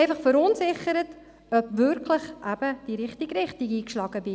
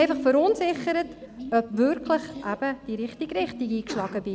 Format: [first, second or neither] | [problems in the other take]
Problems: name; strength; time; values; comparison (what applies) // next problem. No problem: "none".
first | background sound (Sneeze); 13 dB below the speech